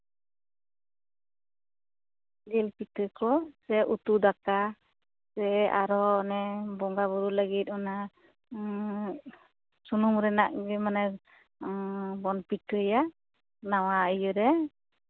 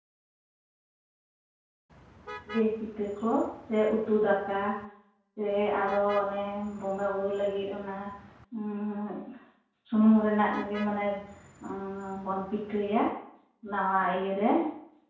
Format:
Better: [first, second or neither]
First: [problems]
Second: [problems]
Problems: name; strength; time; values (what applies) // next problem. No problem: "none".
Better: first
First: none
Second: background sound (Motor vehicle (road)); 18 dB below the speech // room echo; dies away in 0.5 s